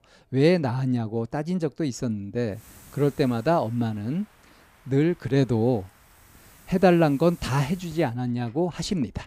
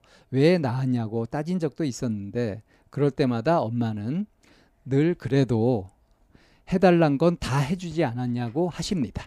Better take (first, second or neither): second